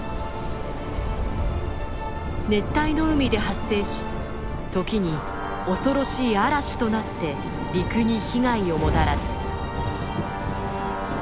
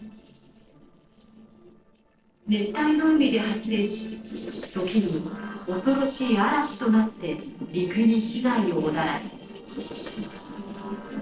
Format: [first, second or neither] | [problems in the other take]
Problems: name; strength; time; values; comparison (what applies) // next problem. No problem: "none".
first | noise reduction (neural separator model SepFormer DNS4)